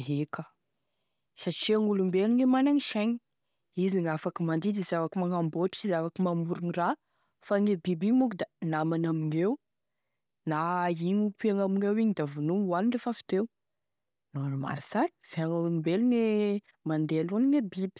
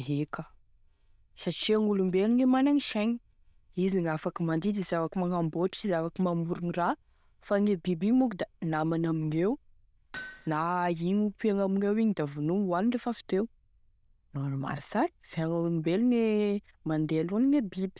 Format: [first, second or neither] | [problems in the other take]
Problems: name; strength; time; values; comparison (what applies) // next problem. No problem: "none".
first | noise reduction (neural diffusion model UNIVERSE++)